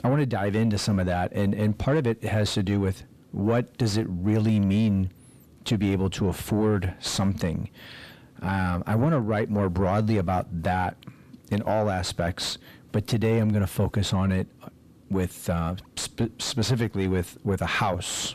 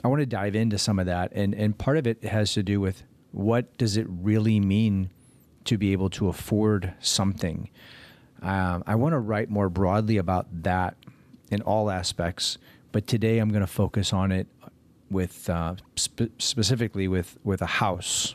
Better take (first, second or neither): second